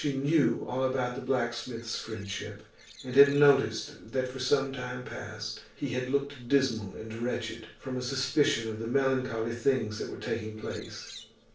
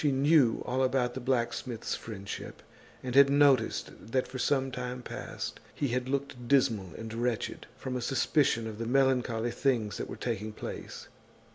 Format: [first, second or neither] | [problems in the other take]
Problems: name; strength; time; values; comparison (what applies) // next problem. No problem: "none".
second | noise reduction (neural separator model SepFormer DNS4)